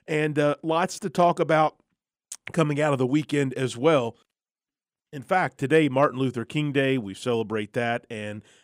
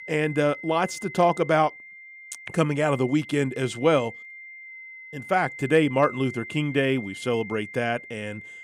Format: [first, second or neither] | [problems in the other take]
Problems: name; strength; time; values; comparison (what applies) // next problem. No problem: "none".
first | high-pitched whine; noticeable; throughout; 2 kHz, 15 dB below the speech